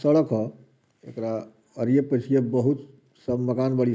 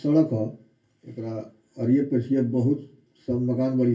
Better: first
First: none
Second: room echo; dies away in 0.2 s

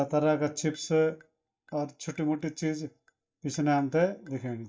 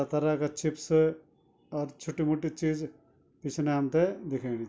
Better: second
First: noise reduction (neural mask model DeepFilterNet 3)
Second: none

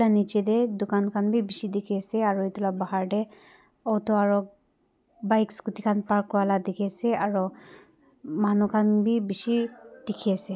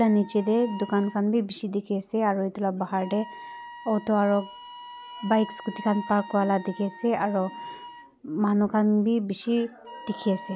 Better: first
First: none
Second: background sound (Wind instrument, woodwind instrument); 17 dB below the speech

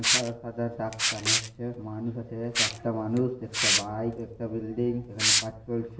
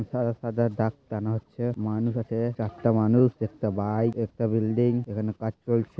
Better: second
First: background sound (Liquid); 2 dB above the speech // room echo; dies away in 0.6 s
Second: none

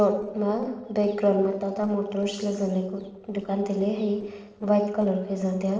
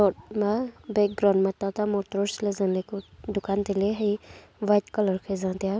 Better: second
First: noise reduction (neural separator model SepFormer DNS4)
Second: none

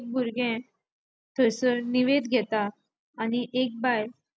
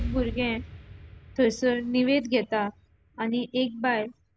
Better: first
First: none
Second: background sound (Explosion); 13 dB below the speech

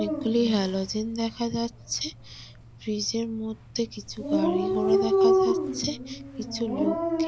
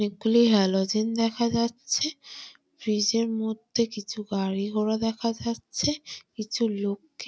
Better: second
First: background sound (Dog); 2 dB above the speech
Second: none

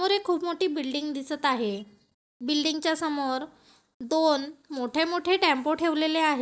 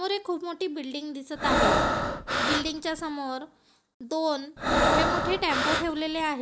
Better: first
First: none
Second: background sound (Breathing); 5 dB above the speech

